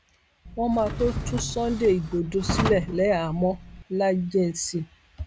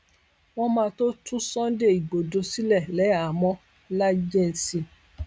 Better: second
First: background sound (Drawer open or close); 6 dB below the speech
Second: none

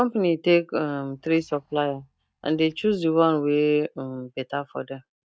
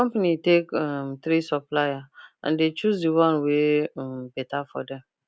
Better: second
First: noise reduction (neural mask model DeepFilterNet 3)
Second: none

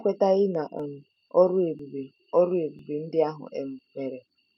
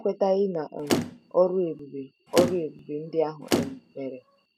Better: first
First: none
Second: background sound (Motor vehicle (road)); 3 dB below the speech

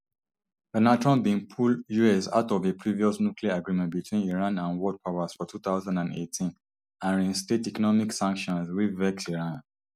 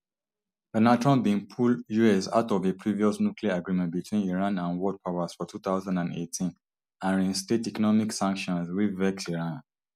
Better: second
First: noise reduction (neural mask model Resemble Enhance denoiser)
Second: none

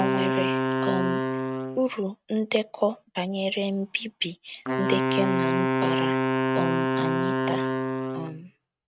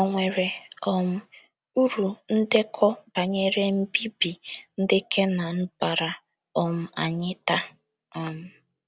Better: second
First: noise reduction (neural mask model RNNoise)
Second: none

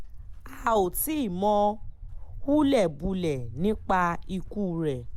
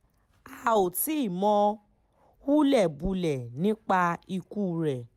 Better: second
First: background sound (Walk, footsteps); 10 dB below the speech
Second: none

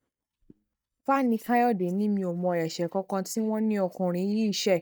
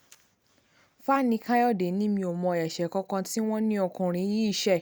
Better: second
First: noise reduction (neural mask model DeepFilterNet 3)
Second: none

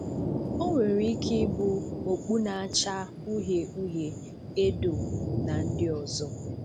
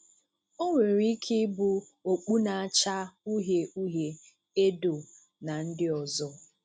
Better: second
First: background sound (Thunder); 3 dB below the speech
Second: none

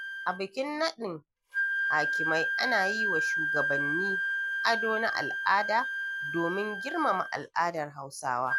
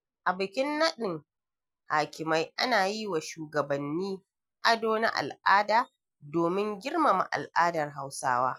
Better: second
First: background sound (Wind instrument, woodwind instrument); as loud as the speech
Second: none

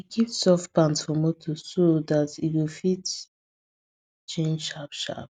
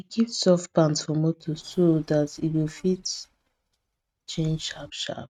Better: first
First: none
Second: noise reduction (neural mask model RNNoise)

